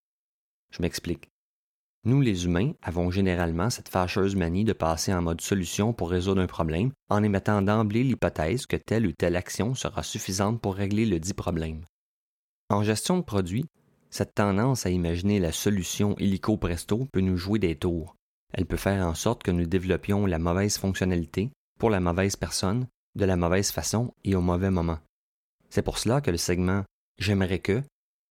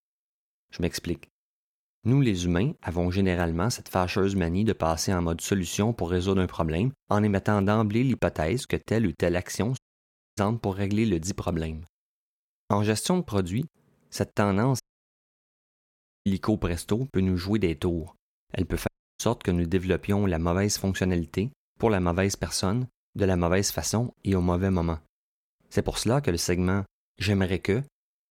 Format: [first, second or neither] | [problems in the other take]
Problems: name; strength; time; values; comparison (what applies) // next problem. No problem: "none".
first | audio cutting out; at 10 s for 0.5 s, at 15 s for 1.5 s and at 19 s